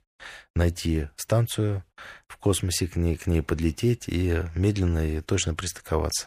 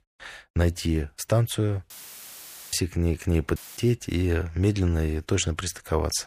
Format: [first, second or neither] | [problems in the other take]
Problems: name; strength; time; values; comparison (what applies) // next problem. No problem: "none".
first | audio cutting out; filled with static; at 2 s for 1 s and at 3.5 s